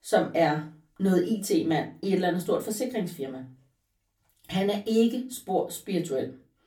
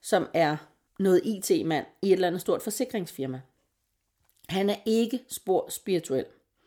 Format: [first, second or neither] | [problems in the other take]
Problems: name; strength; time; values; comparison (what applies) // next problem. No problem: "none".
second | off-mic speech; far // room echo; very slight; dies away in 0.2 s